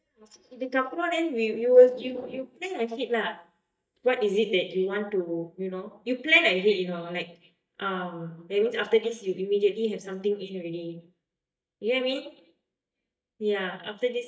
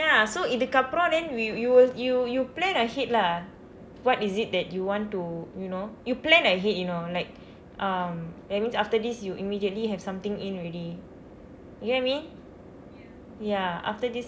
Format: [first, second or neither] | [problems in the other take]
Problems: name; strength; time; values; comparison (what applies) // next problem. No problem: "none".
second | noise reduction (neural mask model DeepFilterNet 3)